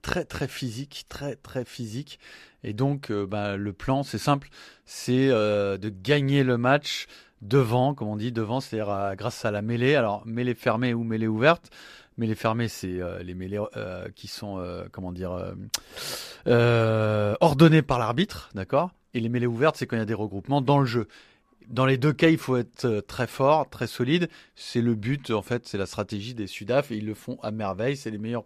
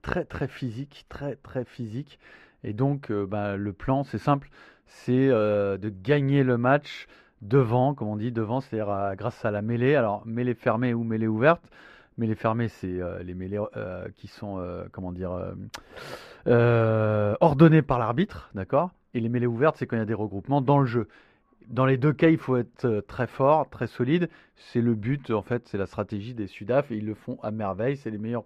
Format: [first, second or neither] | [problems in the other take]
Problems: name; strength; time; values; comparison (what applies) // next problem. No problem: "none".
first | muffled; slightly; fading above 3 kHz